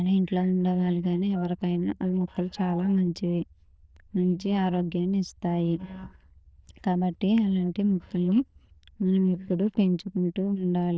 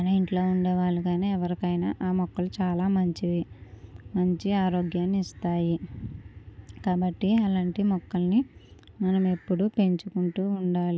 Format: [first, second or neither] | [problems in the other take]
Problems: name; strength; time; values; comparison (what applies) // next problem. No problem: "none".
second | noise reduction (neural diffusion model UNIVERSE++)